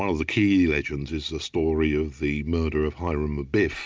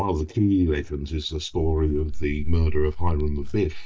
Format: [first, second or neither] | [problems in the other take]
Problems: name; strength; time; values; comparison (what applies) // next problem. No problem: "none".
first | noise reduction (neural mask model DeepFilterNet 3)